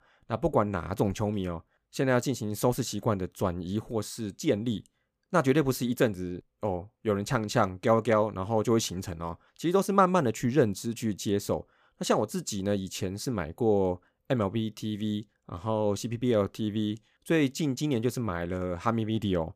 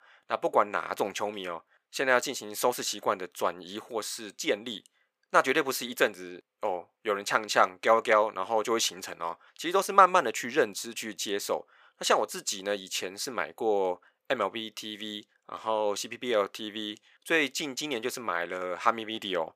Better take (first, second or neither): first